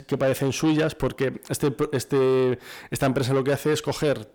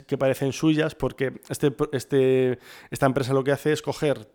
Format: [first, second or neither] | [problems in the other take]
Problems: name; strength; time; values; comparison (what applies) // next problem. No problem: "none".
second | distortion; slight; 10 dB below the speech